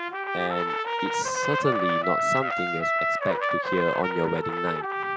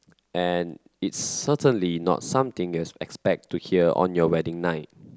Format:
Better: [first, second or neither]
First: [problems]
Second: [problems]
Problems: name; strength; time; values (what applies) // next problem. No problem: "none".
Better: second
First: background sound (Trumpet); 3 dB above the speech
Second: none